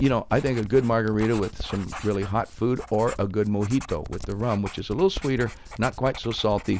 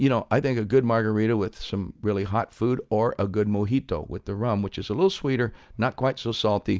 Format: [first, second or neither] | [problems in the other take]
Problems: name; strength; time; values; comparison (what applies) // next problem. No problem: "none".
second | background sound (Writing); 14 dB below the speech